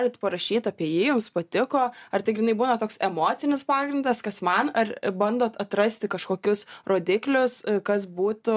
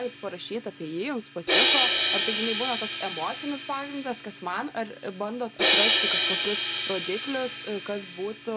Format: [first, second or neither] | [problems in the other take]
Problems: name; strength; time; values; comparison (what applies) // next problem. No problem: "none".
first | background sound (Crash cymbal); 4 dB above the speech